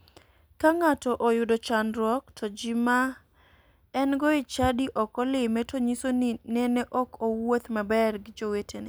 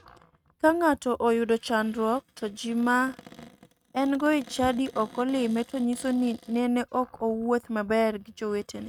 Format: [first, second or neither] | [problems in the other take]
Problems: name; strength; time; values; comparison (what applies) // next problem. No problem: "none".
first | noise reduction (neural mask model RNNoise)